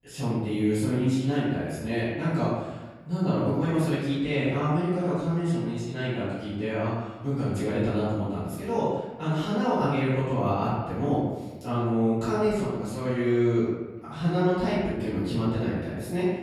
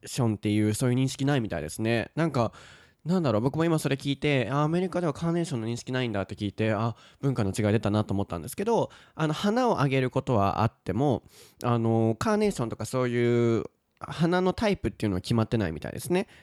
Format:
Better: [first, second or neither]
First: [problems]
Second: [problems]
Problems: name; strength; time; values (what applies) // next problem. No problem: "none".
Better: second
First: off-mic speech; far // room echo; strong; dies away in 1.2 s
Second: none